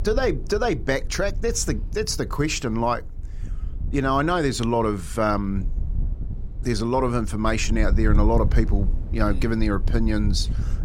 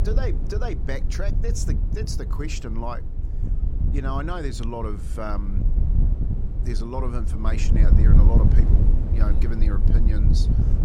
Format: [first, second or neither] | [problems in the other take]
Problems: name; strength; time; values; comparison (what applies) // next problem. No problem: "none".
first | wind noise on the microphone; heavy; 4 dB below the speech; occasional gusts in the first